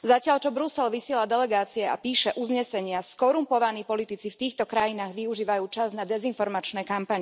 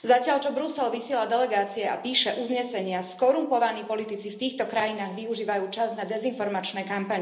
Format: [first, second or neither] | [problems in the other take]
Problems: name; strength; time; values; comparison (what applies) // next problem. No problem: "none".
first | room echo; dies away in 0.8 s